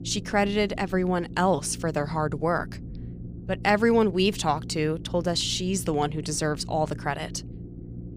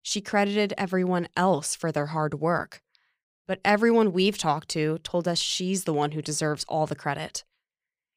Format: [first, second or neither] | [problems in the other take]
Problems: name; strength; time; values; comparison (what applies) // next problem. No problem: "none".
second | low rumble; faint; throughout; 20 dB below the speech